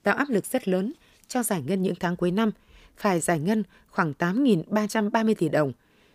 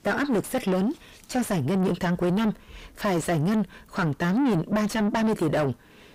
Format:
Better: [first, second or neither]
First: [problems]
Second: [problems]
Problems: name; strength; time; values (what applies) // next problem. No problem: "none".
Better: first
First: none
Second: distortion; heavy; 6 dB below the speech